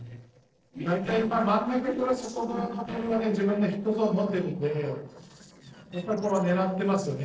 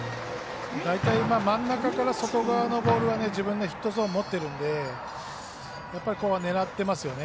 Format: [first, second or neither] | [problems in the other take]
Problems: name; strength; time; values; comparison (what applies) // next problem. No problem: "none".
second | noise reduction (neural separator model SepFormer DNS4)